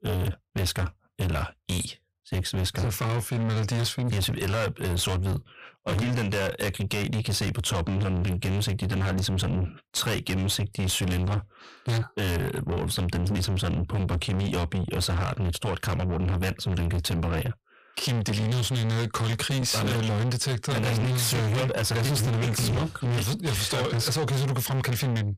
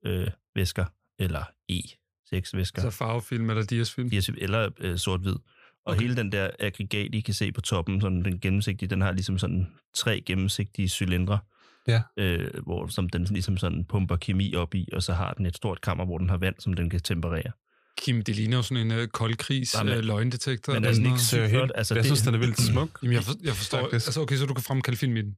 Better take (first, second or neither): second